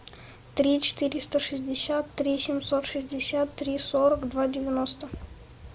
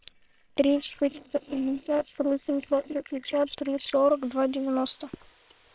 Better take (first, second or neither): first